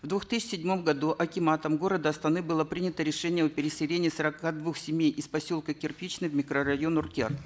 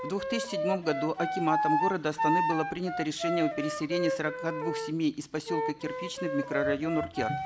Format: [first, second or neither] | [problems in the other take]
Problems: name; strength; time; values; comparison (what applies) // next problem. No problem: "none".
first | background sound (Wind instrument, woodwind instrument); 1 dB below the speech